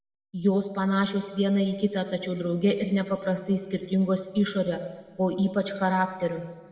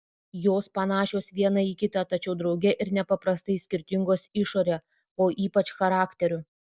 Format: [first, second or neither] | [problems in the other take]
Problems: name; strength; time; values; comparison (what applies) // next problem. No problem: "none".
second | room echo; dies away in 1.7 s